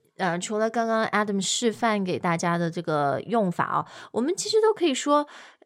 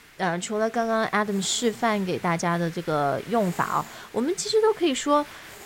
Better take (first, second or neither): first